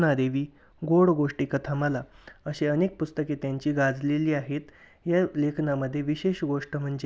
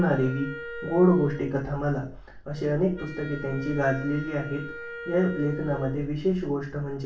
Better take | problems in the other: first | background sound (Wind instrument, woodwind instrument); 13 dB below the speech // room echo; dies away in 0.4 s

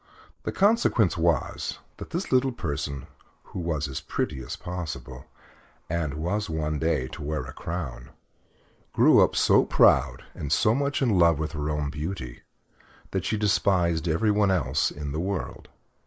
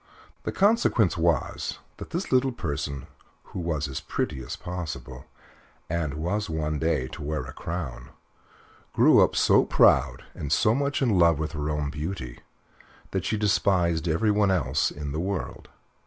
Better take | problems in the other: second | noise reduction (neural mask model Resemble Enhance denoiser)

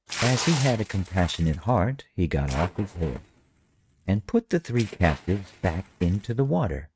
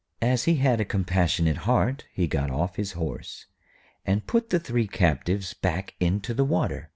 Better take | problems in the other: second | noise reduction (neural mask model RNNoise)

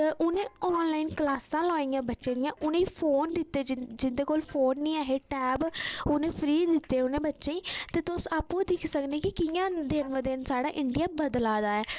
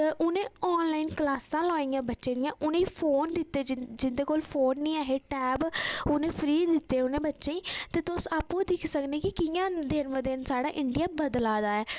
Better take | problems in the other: second | noise reduction (neural separator model SepFormer DNS4)

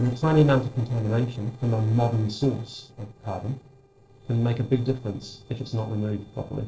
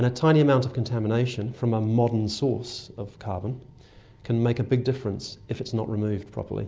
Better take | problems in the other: second | noise reduction (neural separator model SepFormer DNS4)

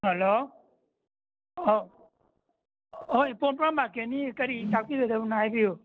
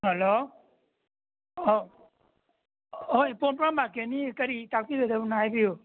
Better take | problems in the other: second | noise reduction (neural separator model SepFormer DNS4)

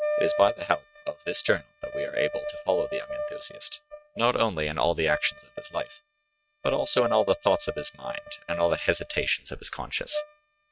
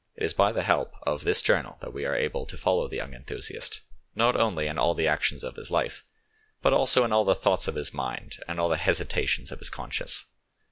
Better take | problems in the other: second | noise reduction (neural mask model RNNoise)

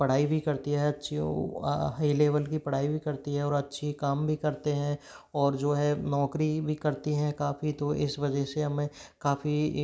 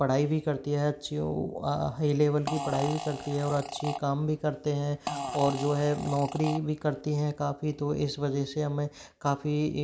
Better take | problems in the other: first | background sound (Fart); 9 dB below the speech

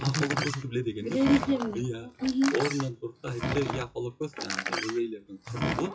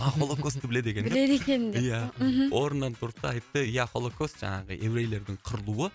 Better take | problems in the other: second | noise reduction (classical method WPE with log-MMSE)

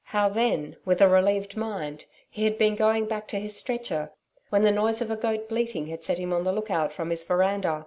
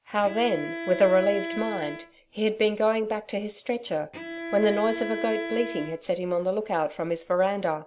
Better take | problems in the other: first | background sound (Bowed string instrument); 10 dB below the speech

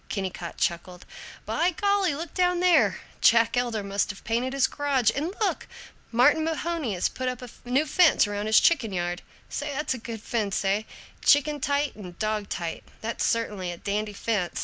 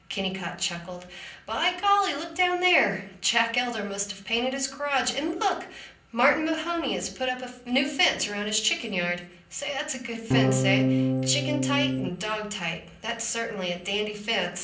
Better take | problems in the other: first | background sound (Electric guitar / Strum); 4 dB above the speech // room echo; dies away in 0.6 s

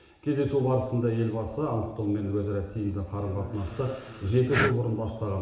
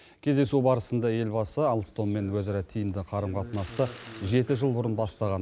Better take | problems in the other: second | background sound (Breathing); 8 dB below the speech // room echo; dies away in 0.9 s

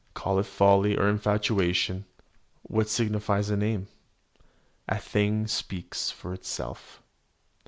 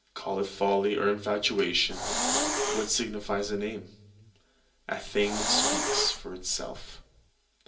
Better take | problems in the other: first | background sound (Hiss); as loud as the speech // room echo; dies away in 0.3 s

